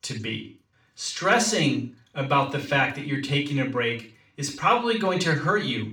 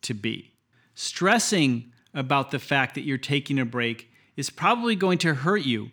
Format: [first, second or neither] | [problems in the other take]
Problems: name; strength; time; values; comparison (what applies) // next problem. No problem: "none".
second | room echo; slight; dies away in 0.4 s // off-mic speech; far